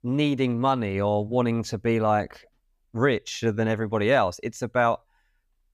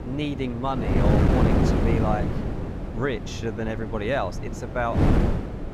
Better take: first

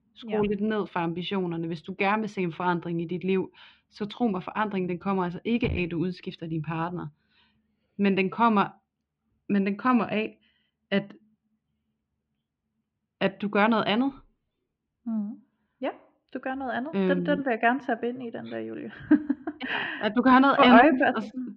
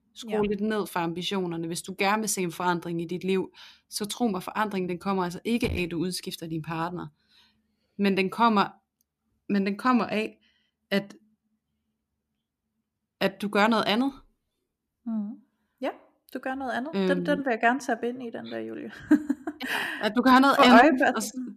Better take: second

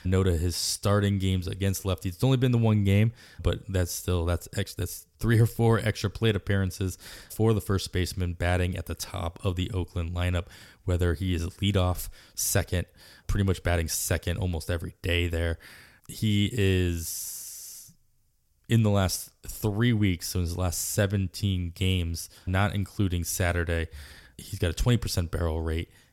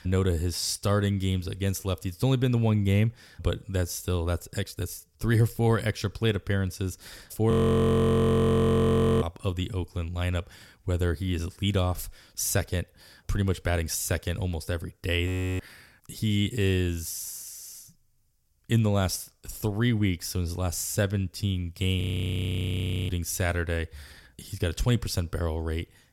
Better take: first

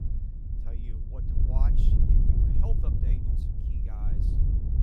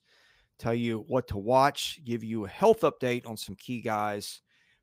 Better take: second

